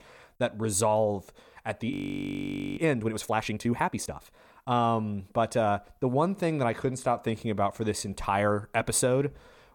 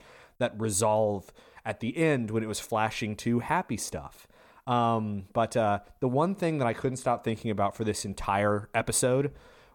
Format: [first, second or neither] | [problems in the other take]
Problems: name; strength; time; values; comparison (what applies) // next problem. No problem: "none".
second | audio freezing; at 2 s for 1 s